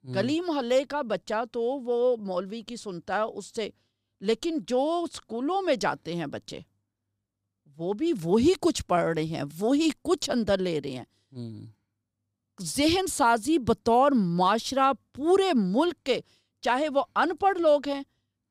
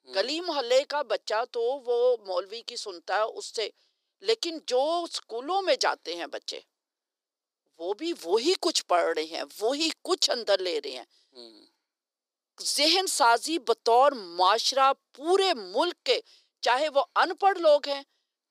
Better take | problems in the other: first | thin; very; fading below 400 Hz

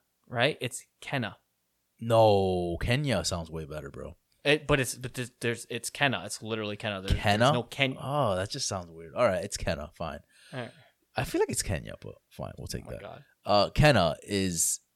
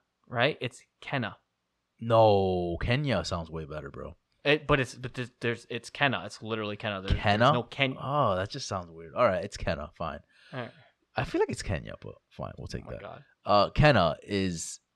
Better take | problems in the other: first | muffled; very slightly; fading above 4.5 kHz

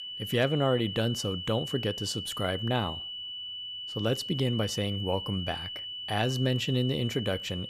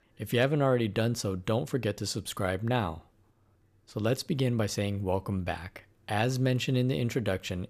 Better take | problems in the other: second | high-pitched whine; loud; throughout; 3 kHz, 6 dB below the speech

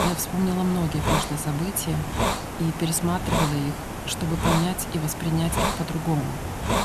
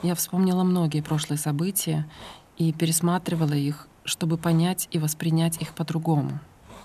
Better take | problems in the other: second | hiss; loud; throughout; 2 dB below the speech; faint in the second

